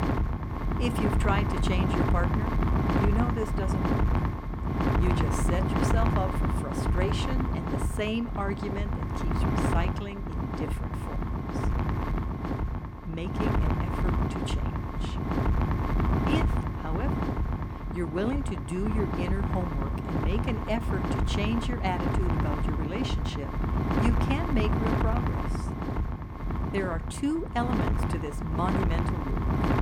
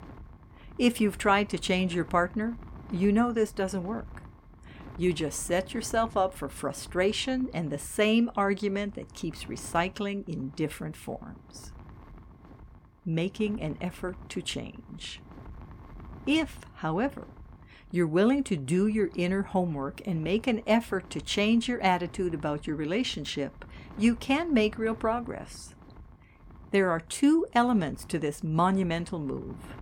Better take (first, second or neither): second